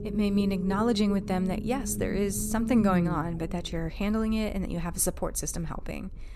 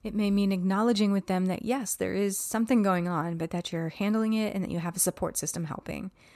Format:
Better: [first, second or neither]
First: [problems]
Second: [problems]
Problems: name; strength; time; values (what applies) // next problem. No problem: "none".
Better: second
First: low rumble; loud; throughout; 8 dB below the speech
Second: none